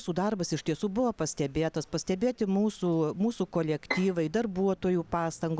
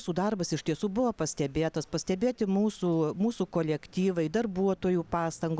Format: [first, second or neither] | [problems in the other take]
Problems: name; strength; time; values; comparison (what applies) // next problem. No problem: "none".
second | background sound (Bowed string instrument); 11 dB below the speech